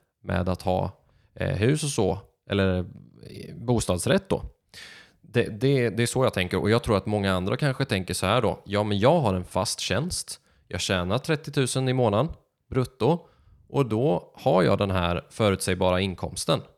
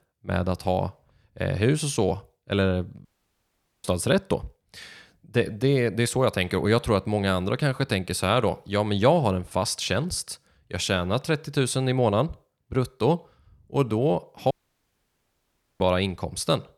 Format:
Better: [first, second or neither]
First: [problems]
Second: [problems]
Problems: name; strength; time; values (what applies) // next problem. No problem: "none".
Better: first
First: none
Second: audio cutting out; at 3 s for 1 s and at 15 s for 1.5 s